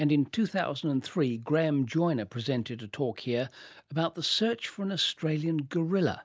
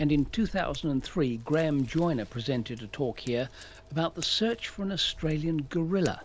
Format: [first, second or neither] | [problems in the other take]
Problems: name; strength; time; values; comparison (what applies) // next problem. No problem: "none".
first | background sound (Scissors); 15 dB below the speech